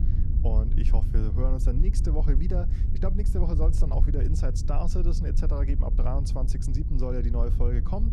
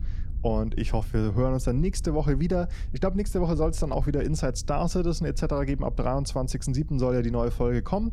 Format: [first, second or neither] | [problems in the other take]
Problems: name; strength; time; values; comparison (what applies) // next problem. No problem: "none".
second | low rumble; loud; throughout; 7 dB below the speech; faint in the second